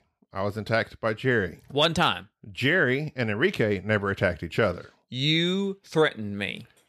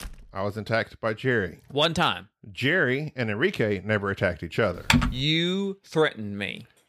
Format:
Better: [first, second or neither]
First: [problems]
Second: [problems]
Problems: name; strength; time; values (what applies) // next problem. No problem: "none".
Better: first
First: none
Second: door banging; faint; at the start; peak 20 dB below the speech // keyboard typing; loud; at 5 s; peak 3 dB above the speech